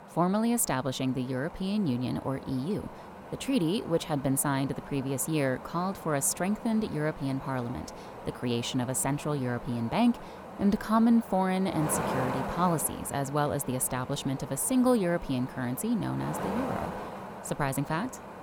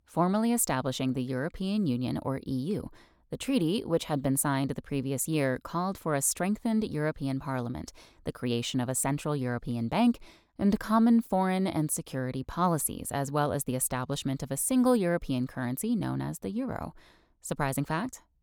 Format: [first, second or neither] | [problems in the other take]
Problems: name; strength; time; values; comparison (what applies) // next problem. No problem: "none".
second | wind noise on the microphone; heavy; 8 dB below the speech